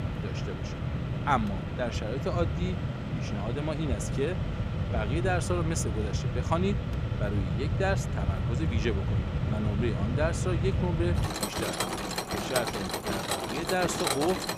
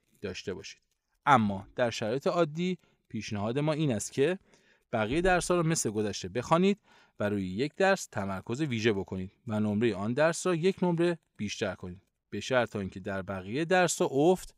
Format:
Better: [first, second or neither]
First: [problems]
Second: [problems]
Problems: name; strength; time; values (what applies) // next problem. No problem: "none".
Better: second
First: machinery noise; very loud; throughout; 2 dB above the speech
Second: none